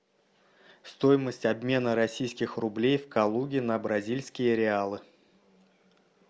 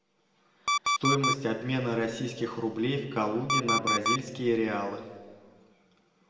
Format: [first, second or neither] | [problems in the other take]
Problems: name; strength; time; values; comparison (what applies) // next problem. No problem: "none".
first | background sound (Alarm); 1 dB above the speech // room echo; dies away in 1.5 s